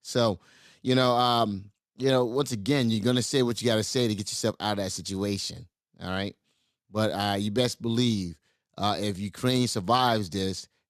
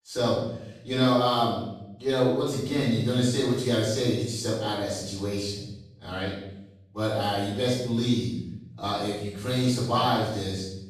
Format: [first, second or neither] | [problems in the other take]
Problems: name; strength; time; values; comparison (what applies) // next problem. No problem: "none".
first | off-mic speech; far // room echo; strong; dies away in 0.7 s